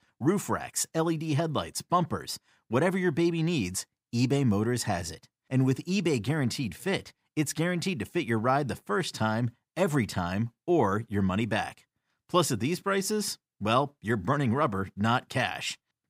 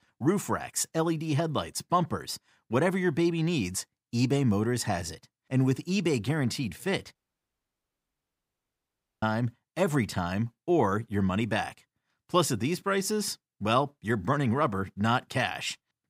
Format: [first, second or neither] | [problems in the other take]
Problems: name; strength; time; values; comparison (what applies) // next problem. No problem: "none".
first | audio cutting out; at 7 s for 2 s